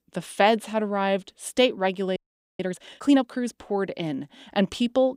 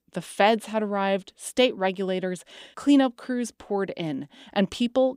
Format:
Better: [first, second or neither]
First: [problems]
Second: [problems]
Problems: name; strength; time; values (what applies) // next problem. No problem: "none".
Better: second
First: audio freezing; at 2 s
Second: none